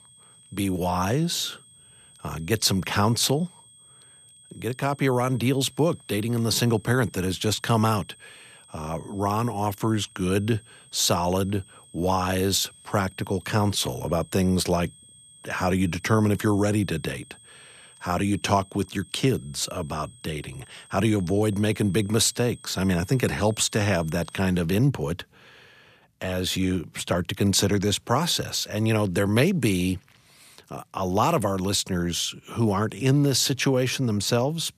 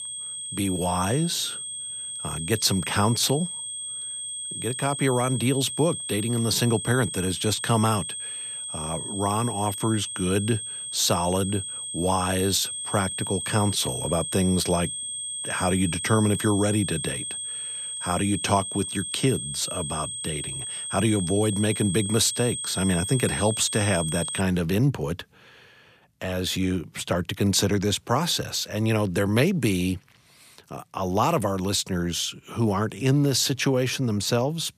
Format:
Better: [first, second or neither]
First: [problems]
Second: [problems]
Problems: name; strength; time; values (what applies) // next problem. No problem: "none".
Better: first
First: high-pitched whine; faint; until 24 s; 8.5 kHz, 25 dB below the speech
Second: high-pitched whine; loud; until 24 s; 8.5 kHz, 5 dB below the speech